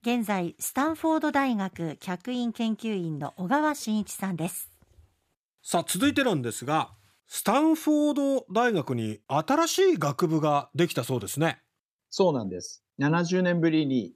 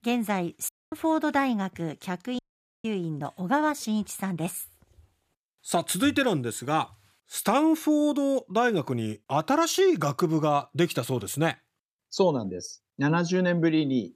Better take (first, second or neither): first